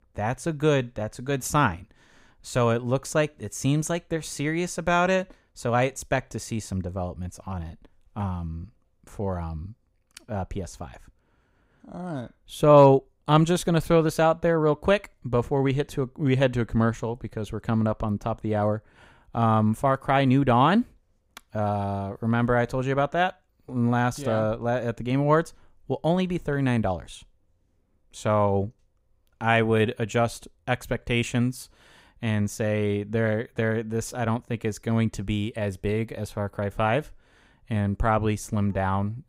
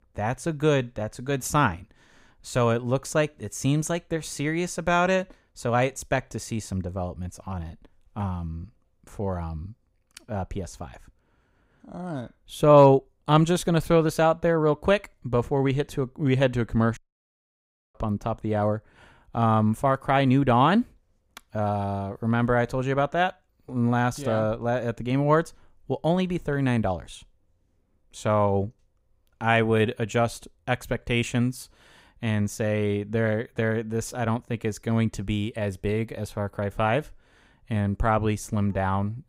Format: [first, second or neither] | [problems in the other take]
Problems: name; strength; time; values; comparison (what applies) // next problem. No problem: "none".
first | audio cutting out; at 17 s for 1 s